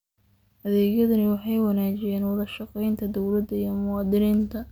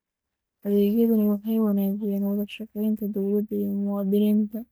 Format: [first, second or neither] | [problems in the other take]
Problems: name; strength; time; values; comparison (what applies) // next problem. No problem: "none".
first | noise reduction (neural mask model DeepFilterNet 3)